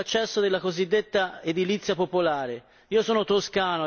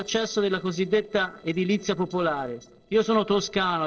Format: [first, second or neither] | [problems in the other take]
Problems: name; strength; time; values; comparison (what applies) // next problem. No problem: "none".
first | noise reduction (neural separator model SepFormer DNS4)